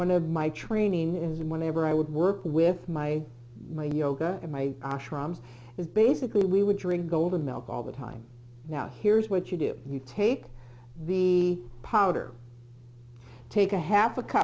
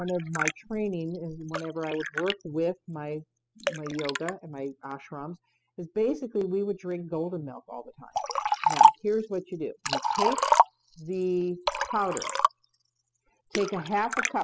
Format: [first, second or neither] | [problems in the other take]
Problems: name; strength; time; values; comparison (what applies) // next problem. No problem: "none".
first | noise reduction (classical method spectral subtraction)